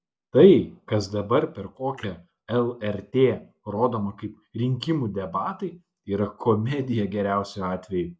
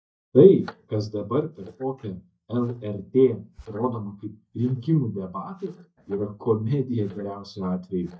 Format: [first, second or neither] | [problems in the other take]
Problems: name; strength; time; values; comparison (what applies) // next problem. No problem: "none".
first | noise reduction (neural mask model DeepFilterNet 3)